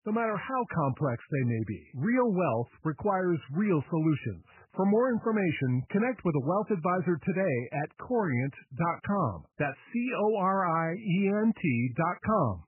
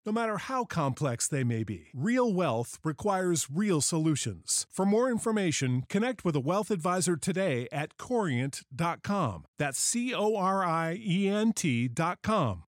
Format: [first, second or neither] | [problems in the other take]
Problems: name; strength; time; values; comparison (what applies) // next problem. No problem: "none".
second | garbled, watery; badly; nothing above 3 kHz